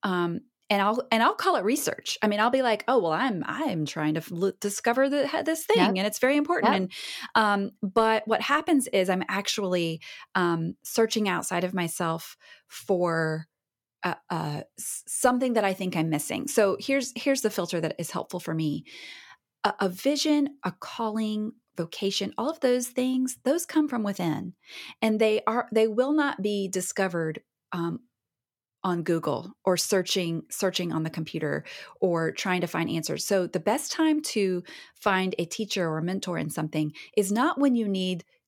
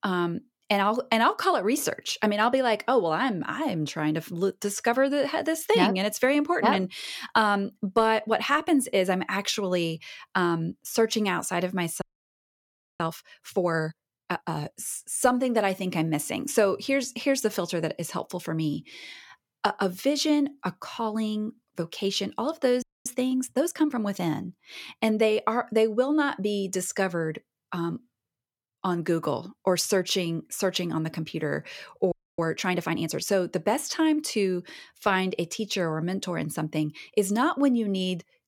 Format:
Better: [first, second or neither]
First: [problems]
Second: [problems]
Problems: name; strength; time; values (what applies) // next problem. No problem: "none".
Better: first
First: none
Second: audio freezing; at 12 s for 1 s, at 23 s and at 32 s